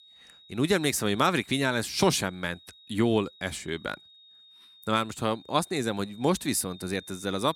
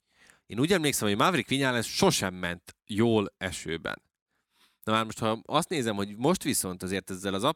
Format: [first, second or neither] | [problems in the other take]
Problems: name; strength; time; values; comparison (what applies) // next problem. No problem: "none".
second | high-pitched whine; faint; throughout; 4 kHz, 25 dB below the speech